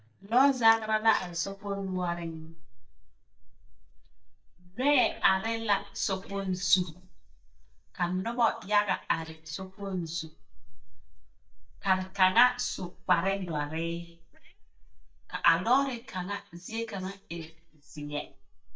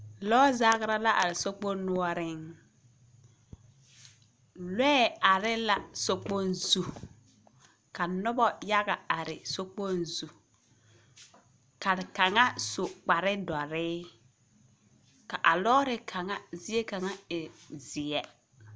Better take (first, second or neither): second